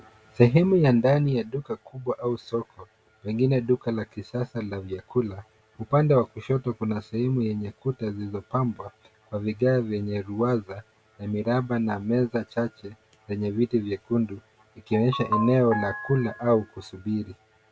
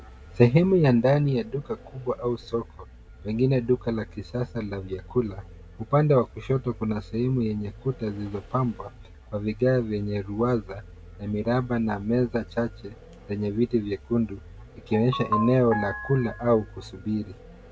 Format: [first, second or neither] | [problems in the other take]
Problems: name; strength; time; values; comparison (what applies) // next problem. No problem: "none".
first | background sound (Vehicle); 19 dB below the speech